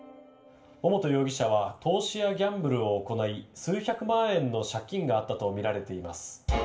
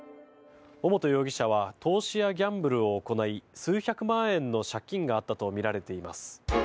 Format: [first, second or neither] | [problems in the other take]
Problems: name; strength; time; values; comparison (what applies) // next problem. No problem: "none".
second | room echo; dies away in 0.3 s